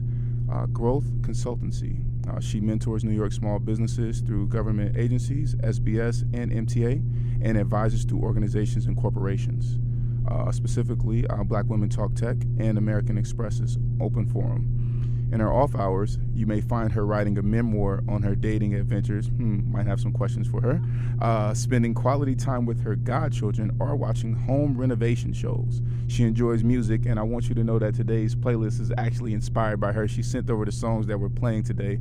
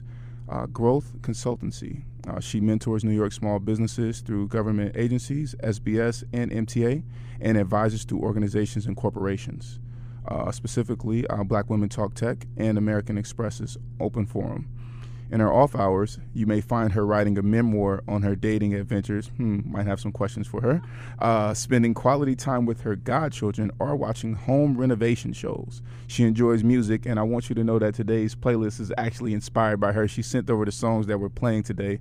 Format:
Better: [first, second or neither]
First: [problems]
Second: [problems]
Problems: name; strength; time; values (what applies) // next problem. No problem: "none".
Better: second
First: low rumble; loud; throughout; 8 dB below the speech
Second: low rumble; faint; throughout; 25 dB below the speech